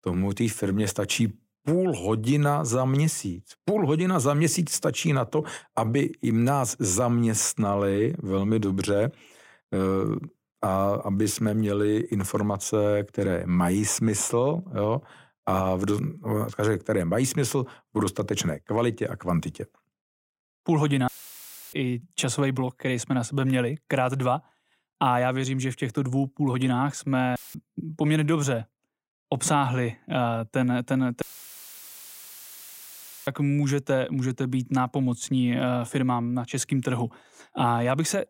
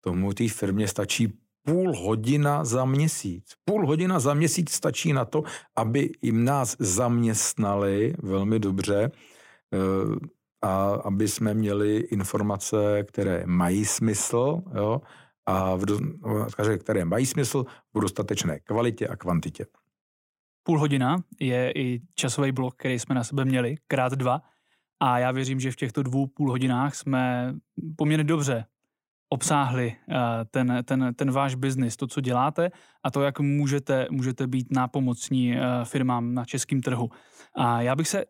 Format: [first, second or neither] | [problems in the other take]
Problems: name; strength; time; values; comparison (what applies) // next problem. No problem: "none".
second | audio cutting out; filled with static; at 21 s for 0.5 s, at 27 s and at 31 s for 2 s